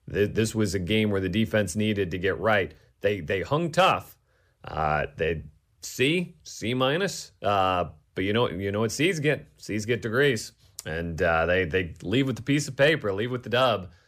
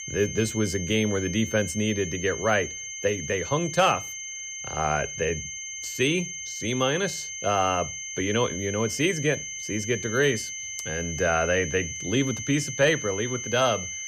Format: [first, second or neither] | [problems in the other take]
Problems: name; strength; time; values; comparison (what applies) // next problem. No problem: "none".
first | high-pitched whine; loud; throughout; 6.5 kHz, 7 dB below the speech